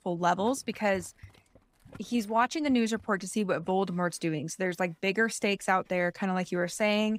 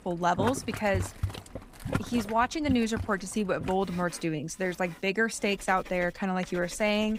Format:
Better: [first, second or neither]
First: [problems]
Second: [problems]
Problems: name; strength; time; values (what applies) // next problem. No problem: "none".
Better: first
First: household noises; faint; throughout; 30 dB below the speech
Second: household noises; loud; throughout; 10 dB below the speech